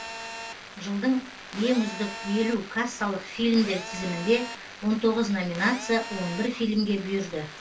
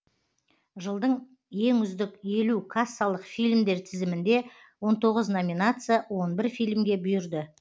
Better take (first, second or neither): second